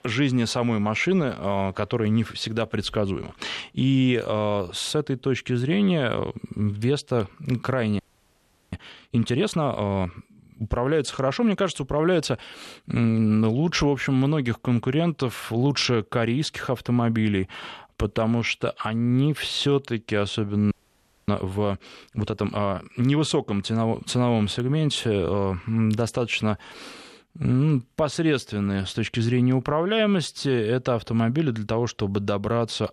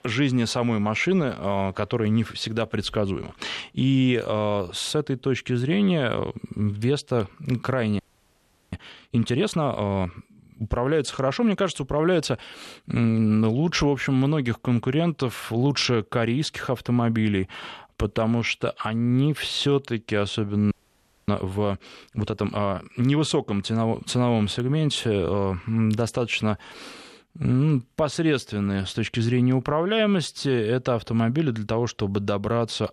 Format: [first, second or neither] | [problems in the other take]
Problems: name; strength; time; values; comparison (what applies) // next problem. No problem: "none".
neither | audio freezing; at 8 s for 0.5 s and at 21 s for 0.5 s; the same in both